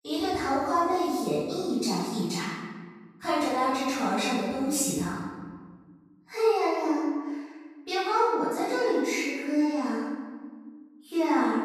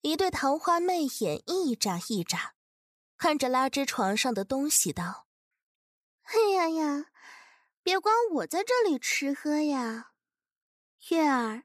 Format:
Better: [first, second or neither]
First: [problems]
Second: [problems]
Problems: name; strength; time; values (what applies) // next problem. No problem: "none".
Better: second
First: off-mic speech; far // room echo; strong; dies away in 1.5 s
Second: none